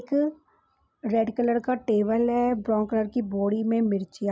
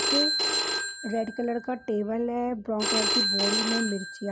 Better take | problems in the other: first | background sound (Telephone); 1 dB above the speech

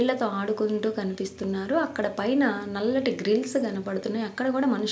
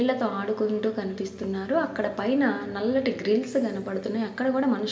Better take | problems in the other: first | room echo; dies away in 2.5 s

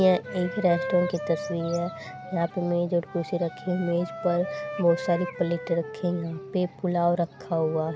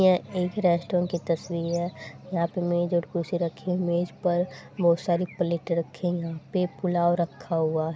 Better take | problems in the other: second | background sound (Wind instrument, woodwind instrument); 11 dB below the speech

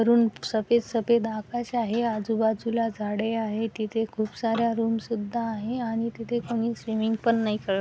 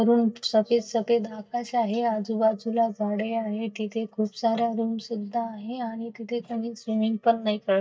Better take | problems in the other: first | noise reduction (neural mask model DeepFilterNet 3)

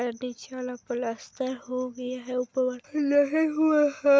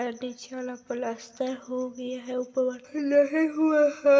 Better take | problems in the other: first | room echo; dies away in 0.8 s

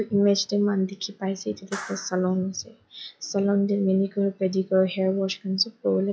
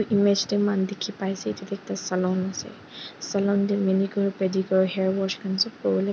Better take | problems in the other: second | noise reduction (classical method log-MMSE)

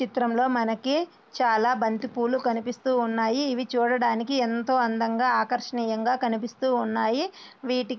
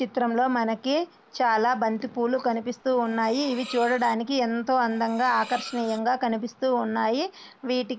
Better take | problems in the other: first | background sound (Cutlery, silverware); 18 dB below the speech

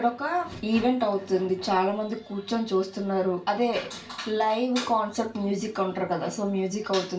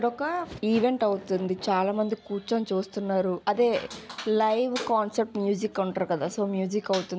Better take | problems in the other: second | room echo; dies away in 0.3 s

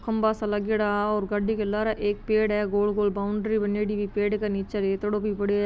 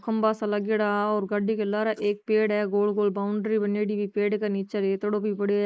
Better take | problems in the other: first | noise reduction (neural mask model Resemble Enhance denoiser)

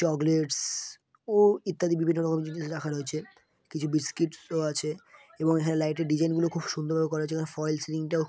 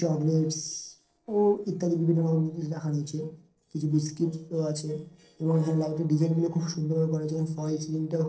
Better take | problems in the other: first | noise reduction (neural separator model SepFormer DNS4)

